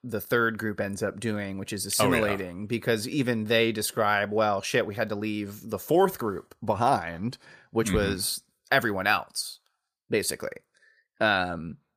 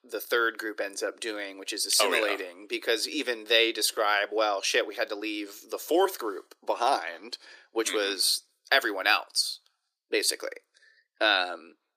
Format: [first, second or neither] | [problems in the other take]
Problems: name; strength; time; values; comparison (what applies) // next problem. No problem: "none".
first | thin; very; fading below 300 Hz